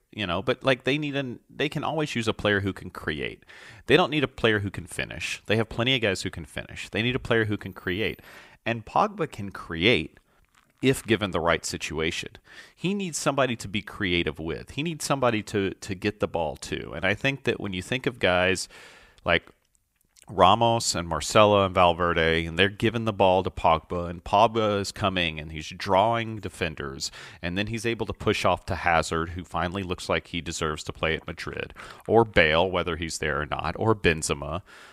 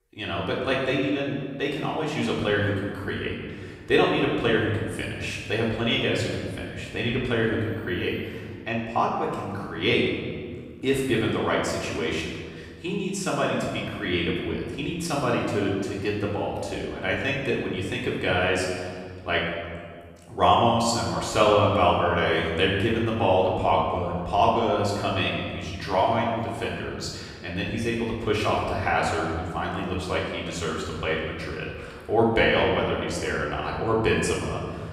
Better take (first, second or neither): first